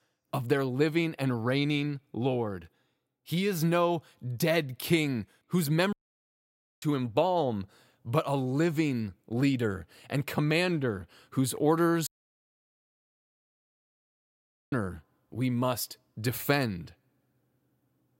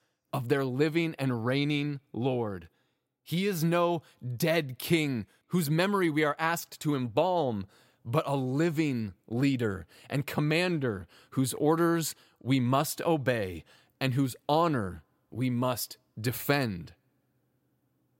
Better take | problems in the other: second | audio cutting out; at 6 s for 1 s and at 12 s for 2.5 s

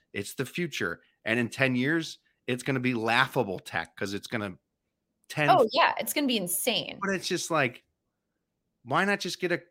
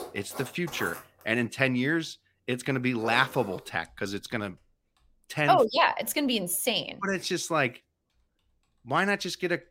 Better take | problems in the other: first | household noises; noticeable; throughout; 15 dB below the speech

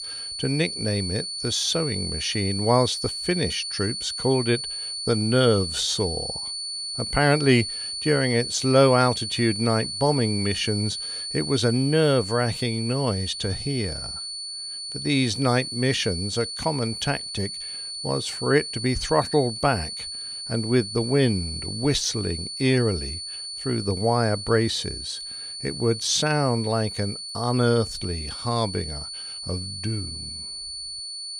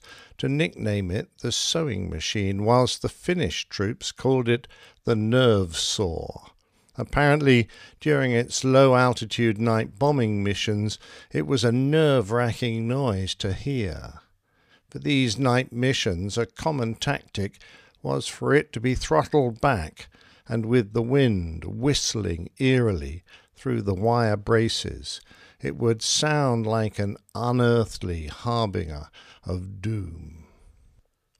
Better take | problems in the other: second | high-pitched whine; loud; throughout; 4.5 kHz, 6 dB below the speech

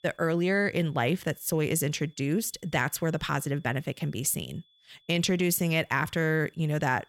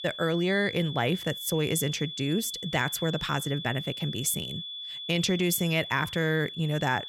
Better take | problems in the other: first | high-pitched whine; loud; throughout; 3.5 kHz, 8 dB below the speech; faint in the first

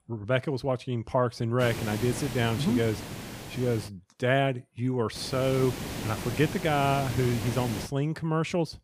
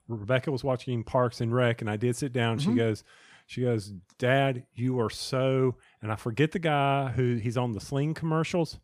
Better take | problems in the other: second | hiss; loud; from 1.5 to 4 s and from 5 to 8 s; 8 dB below the speech

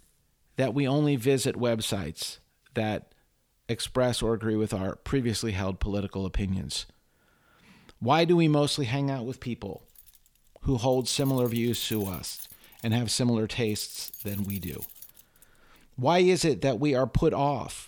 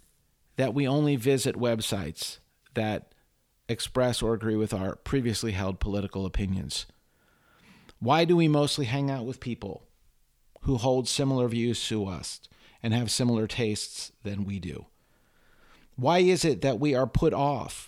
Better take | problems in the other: second | jangling keys; faint; from 10 to 15 s; peak 10 dB below the speech

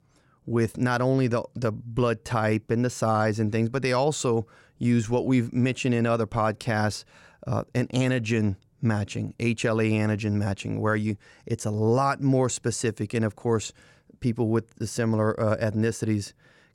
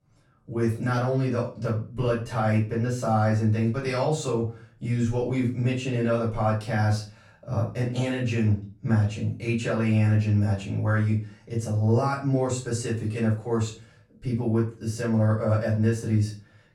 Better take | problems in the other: first | off-mic speech; far // room echo; slight; dies away in 0.3 s

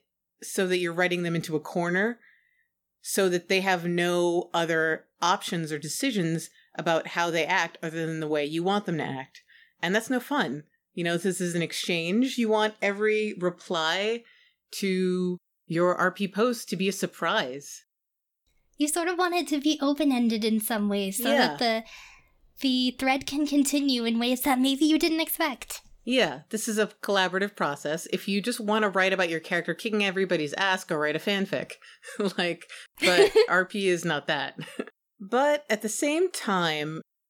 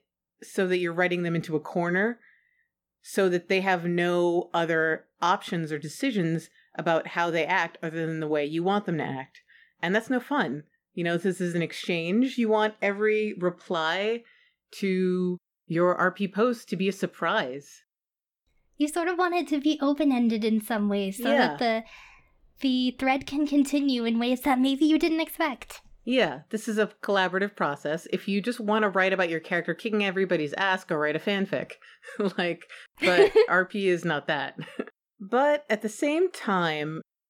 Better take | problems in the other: first | muffled; slightly; fading above 3.5 kHz

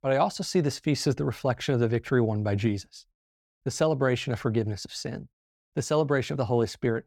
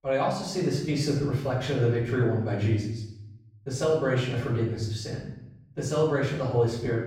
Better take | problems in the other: first | room echo; noticeable; dies away in 0.8 s // off-mic speech; far

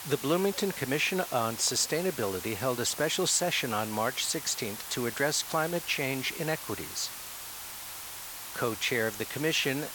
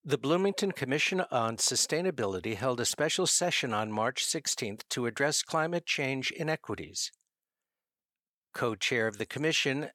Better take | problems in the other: second | hiss; loud; throughout; 9 dB below the speech

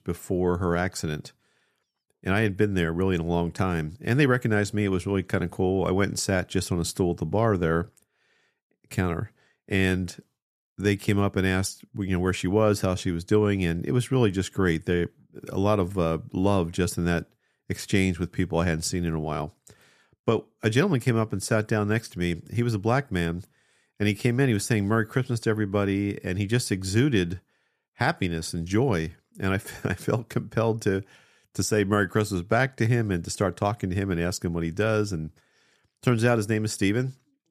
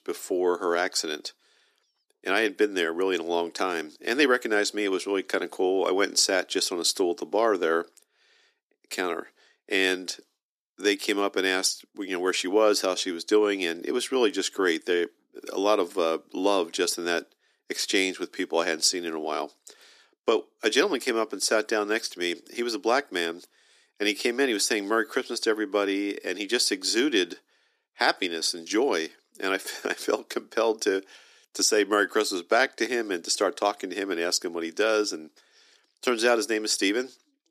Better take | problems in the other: first | thin; somewhat; fading below 300 Hz

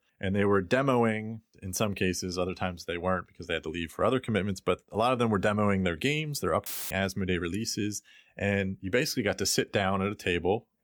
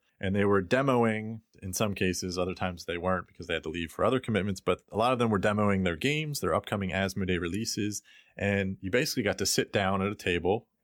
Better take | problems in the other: second | audio cutting out; filled with static; at 6.5 s

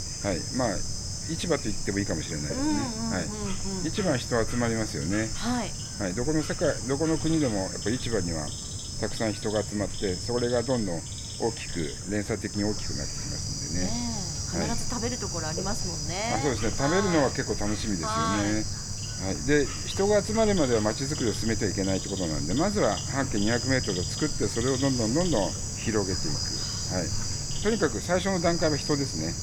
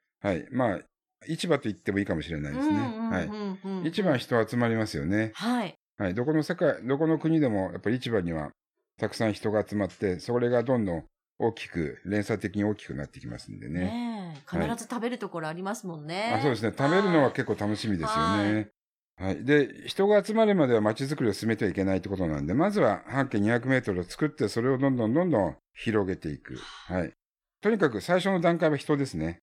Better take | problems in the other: second | animal sounds; loud; throughout; 3 dB below the speech

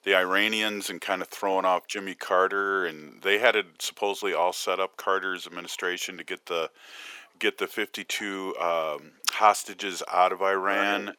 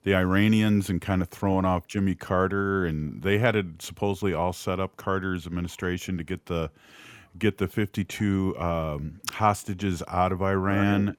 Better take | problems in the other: second | thin; very; fading below 450 Hz

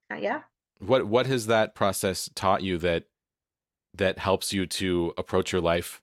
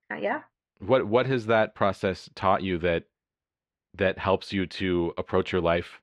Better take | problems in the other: first | muffled; slightly; fading above 2.5 kHz

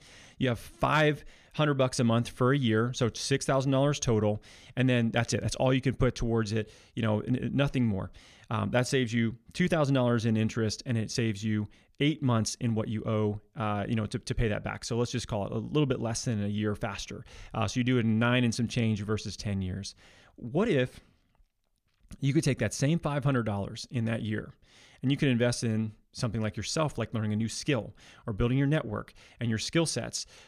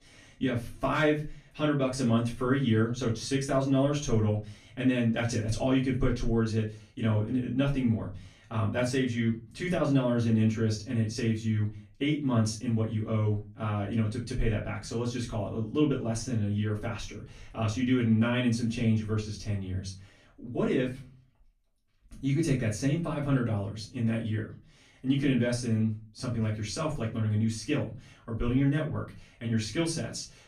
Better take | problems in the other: first | off-mic speech; far // room echo; slight; dies away in 0.3 s

